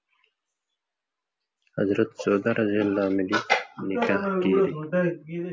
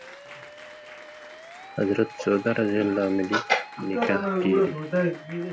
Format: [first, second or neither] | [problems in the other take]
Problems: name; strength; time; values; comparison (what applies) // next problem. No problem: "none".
first | background sound (Musical instrument + Applause); 17 dB below the speech